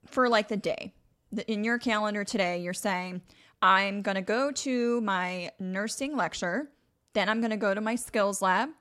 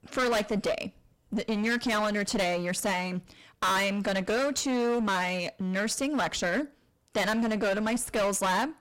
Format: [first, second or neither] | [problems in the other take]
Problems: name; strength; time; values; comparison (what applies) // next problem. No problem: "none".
first | distortion; heavy; 20% of the sound clipped